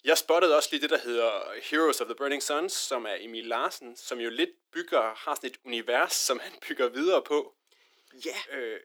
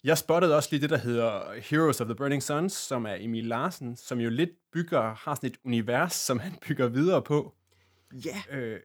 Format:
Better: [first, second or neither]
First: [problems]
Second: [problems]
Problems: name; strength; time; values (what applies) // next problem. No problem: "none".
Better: second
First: thin; somewhat; fading below 300 Hz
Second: none